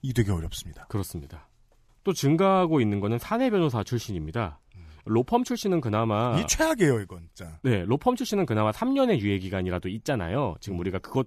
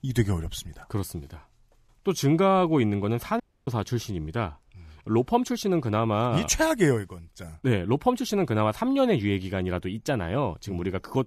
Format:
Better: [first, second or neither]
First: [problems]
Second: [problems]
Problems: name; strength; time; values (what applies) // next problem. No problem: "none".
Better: first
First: none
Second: audio cutting out; at 3.5 s